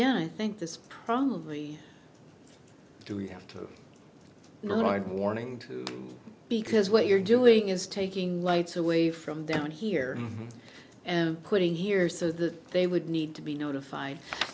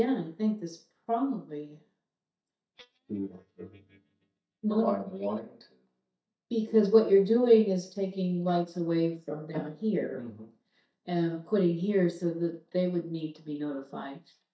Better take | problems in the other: first | noise reduction (neural mask model DeepFilterNet 3)

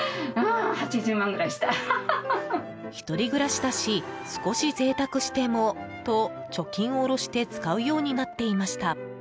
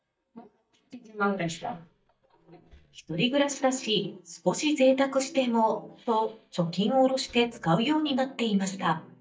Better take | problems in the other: first | noise reduction (neural mask model DeepFilterNet 3)

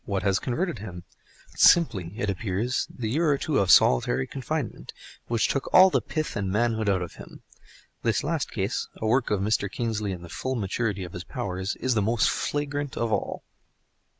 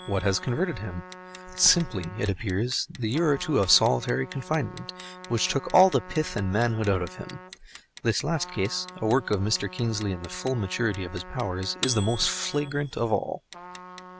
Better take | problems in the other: first | background sound (Trumpet + Clock); 15 dB below the speech

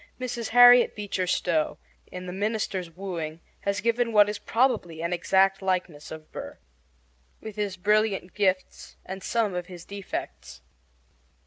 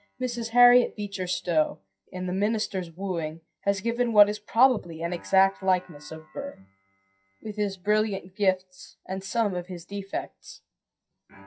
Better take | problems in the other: first | noise reduction (classical method WPE with log-MMSE)

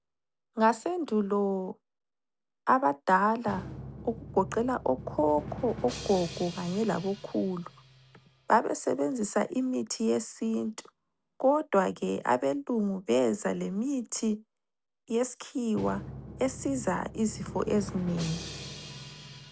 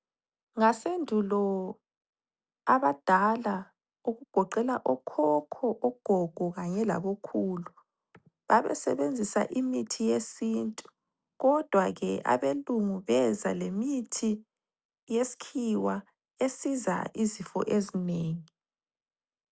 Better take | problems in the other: second | background sound (Drum); 15 dB below the speech

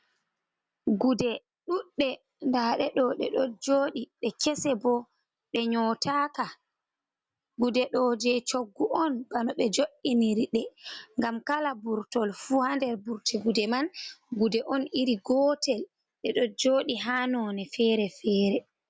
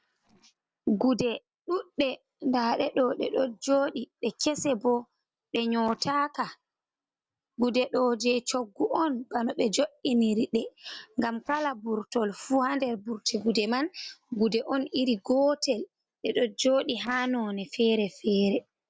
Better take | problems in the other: first | noise reduction (neural separator model SepFormer DNS4)

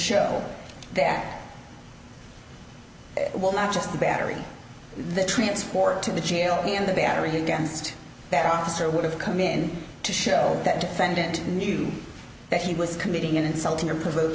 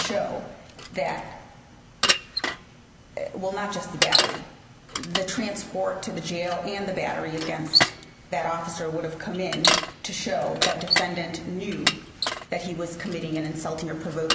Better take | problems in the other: first | background sound (Bicycle); 1 dB above the speech

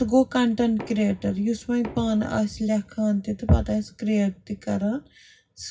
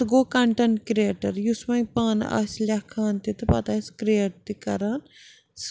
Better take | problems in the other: second | background sound (Knock); 19 dB below the speech // room echo; dies away in 0.4 s

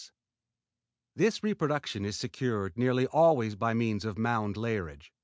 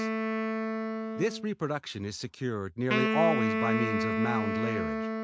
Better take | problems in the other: first | background sound (Wind instrument, woodwind instrument); 1 dB above the speech

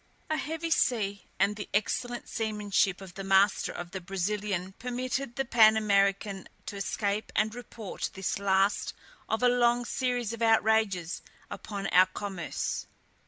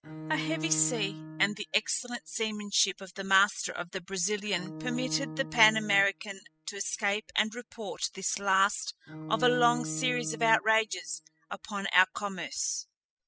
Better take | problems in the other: first | noise reduction (classical method spectral subtraction)

